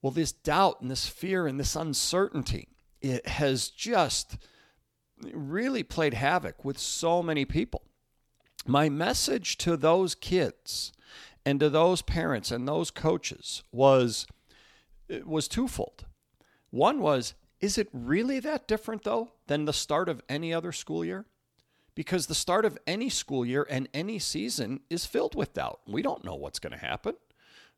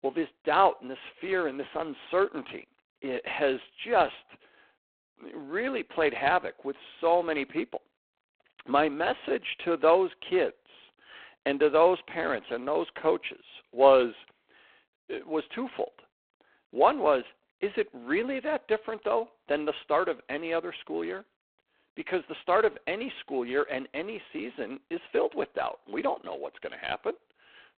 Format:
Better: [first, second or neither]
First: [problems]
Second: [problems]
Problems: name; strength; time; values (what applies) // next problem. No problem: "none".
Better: first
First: none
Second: phone-call audio; poor line; nothing above 4 kHz